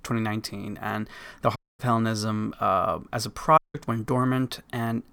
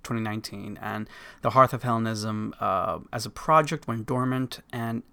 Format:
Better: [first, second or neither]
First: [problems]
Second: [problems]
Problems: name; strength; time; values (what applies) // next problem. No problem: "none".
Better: second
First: audio cutting out; at 1.5 s and at 3.5 s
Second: none